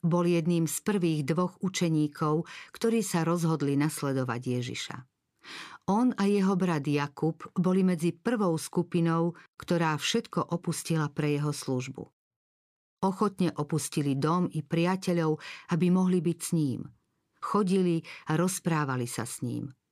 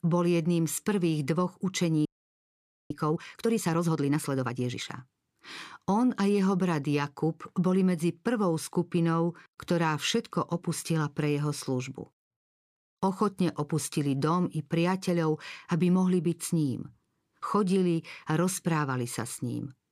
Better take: first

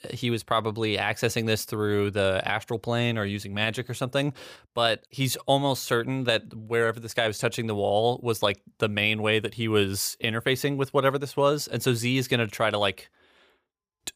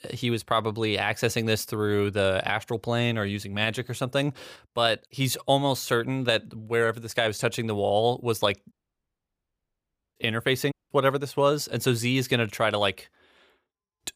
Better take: first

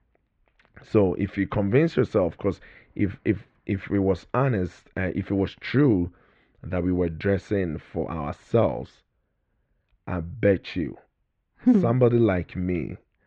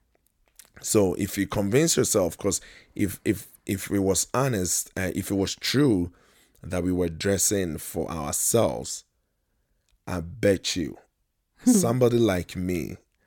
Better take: second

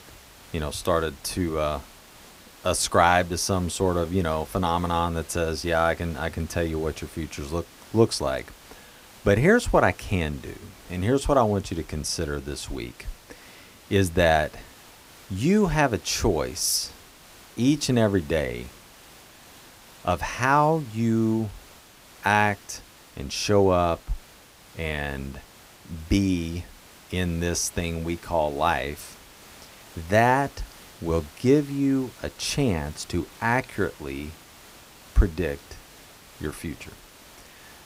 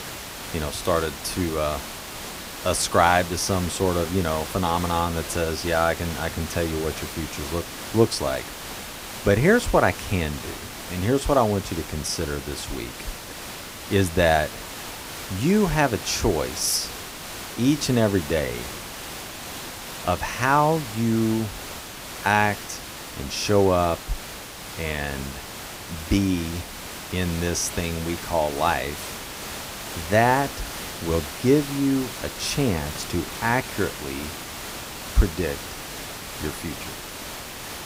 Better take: first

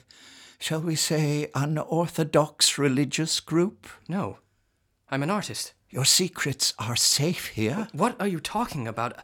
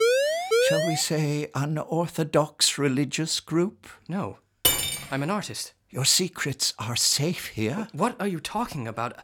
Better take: first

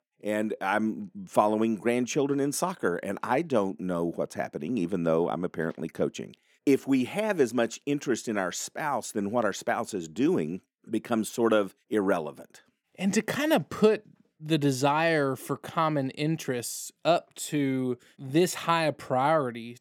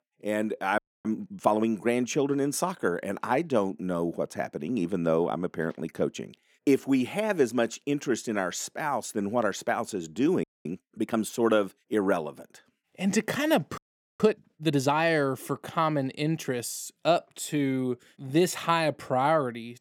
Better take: first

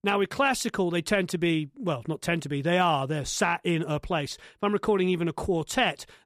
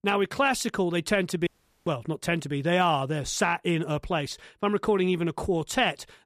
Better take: first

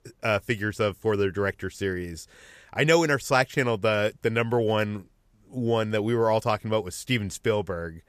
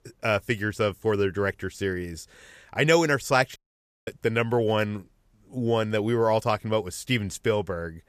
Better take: first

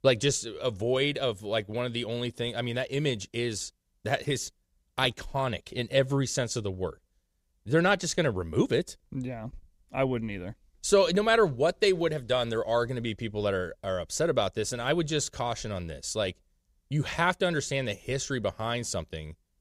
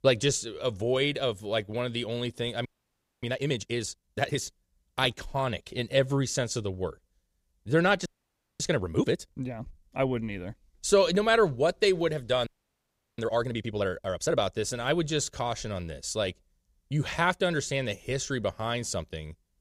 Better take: first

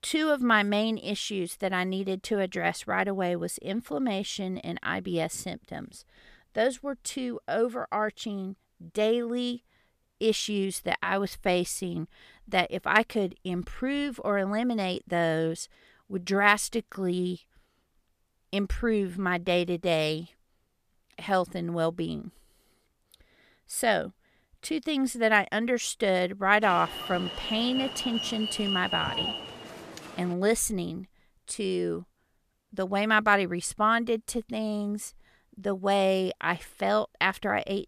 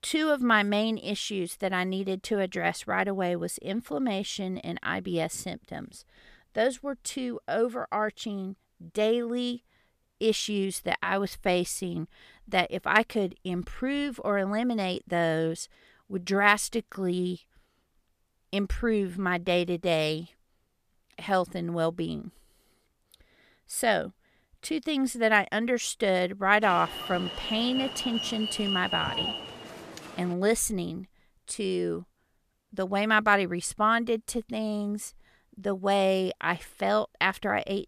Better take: neither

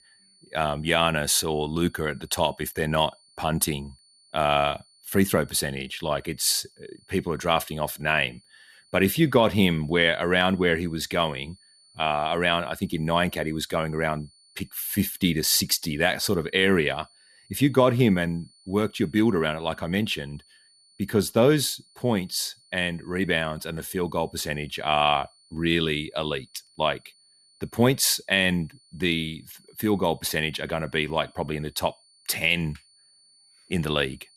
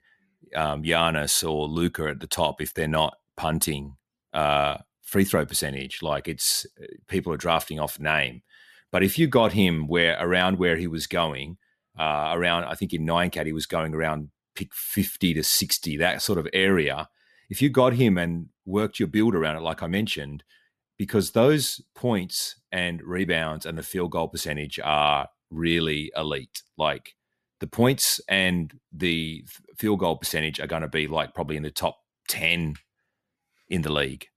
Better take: second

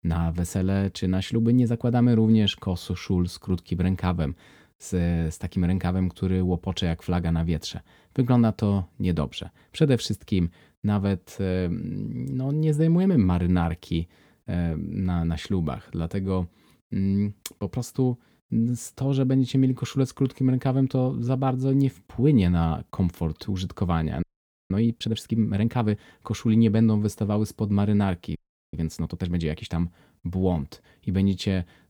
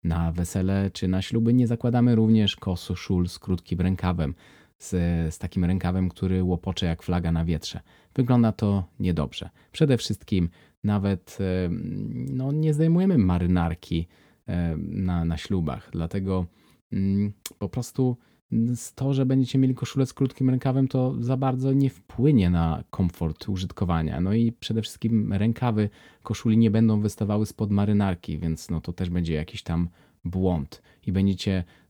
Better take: second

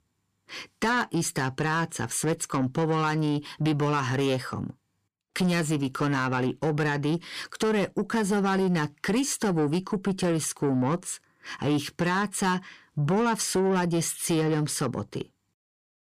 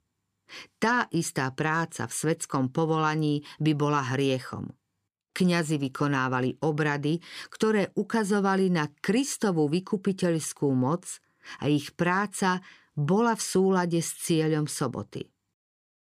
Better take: second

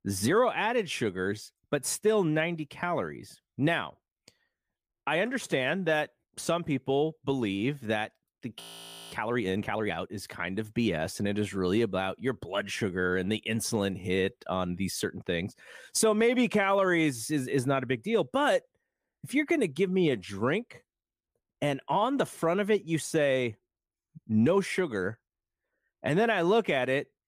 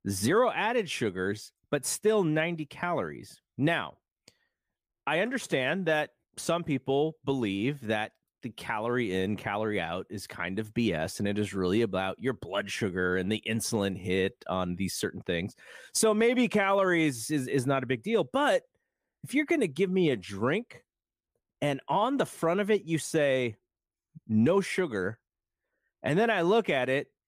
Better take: second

